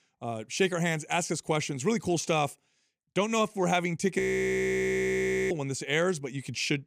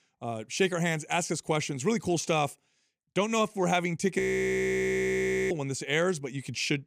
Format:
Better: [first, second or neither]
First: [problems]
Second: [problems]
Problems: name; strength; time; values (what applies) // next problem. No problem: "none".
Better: neither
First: audio freezing; at 4 s for 1.5 s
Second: audio freezing; at 4 s for 1.5 s